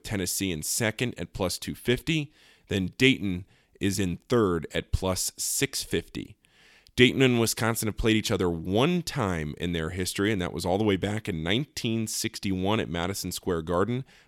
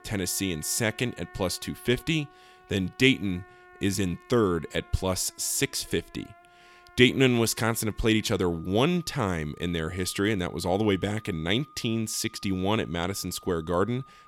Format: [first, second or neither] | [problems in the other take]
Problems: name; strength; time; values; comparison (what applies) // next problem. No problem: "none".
first | background music; faint; throughout; 25 dB below the speech